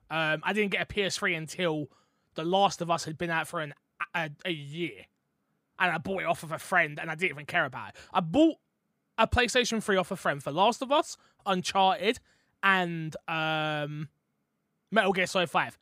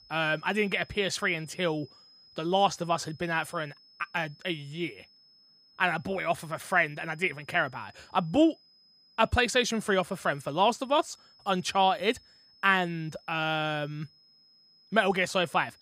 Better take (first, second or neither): first